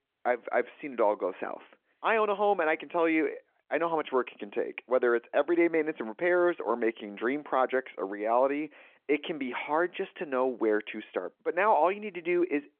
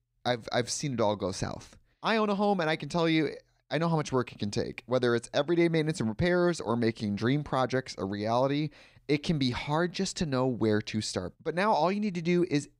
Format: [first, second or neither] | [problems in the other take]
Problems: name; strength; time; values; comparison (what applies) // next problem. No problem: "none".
second | phone-call audio